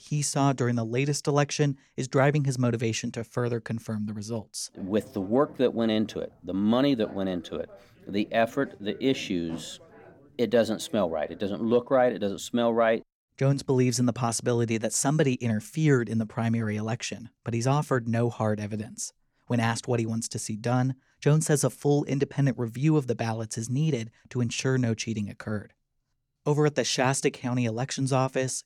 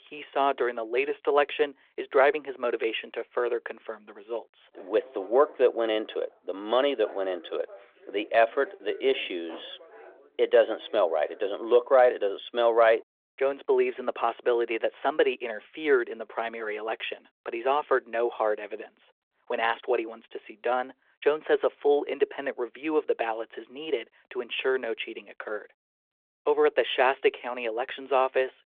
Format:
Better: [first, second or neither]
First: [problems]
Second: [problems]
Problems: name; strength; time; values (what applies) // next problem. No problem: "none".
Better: first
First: none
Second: phone-call audio; nothing above 3.5 kHz